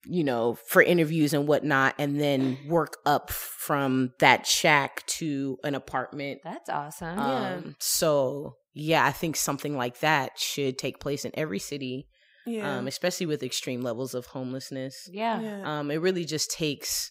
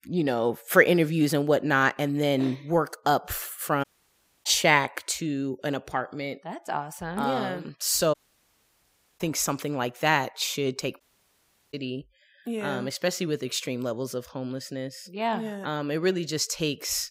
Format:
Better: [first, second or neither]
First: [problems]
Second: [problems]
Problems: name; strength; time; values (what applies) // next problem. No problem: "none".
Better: first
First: none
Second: audio cutting out; at 4 s for 0.5 s, at 8 s for 1 s and at 11 s for 0.5 s